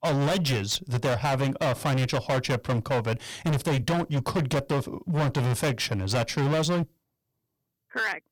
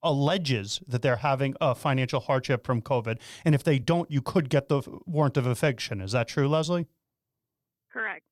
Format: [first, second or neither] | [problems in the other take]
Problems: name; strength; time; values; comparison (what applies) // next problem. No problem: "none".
second | distortion; heavy; 24% of the sound clipped